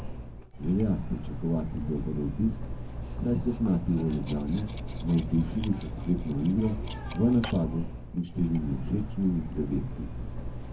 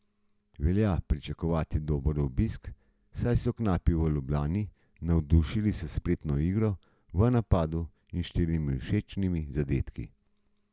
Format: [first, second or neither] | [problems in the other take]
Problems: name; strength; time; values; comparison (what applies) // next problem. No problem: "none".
second | background sound (Cutlery, silverware); 6 dB below the speech // room echo; dies away in 0.4 s